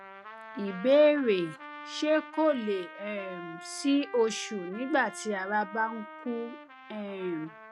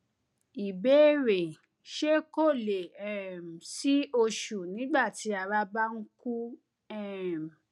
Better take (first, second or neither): second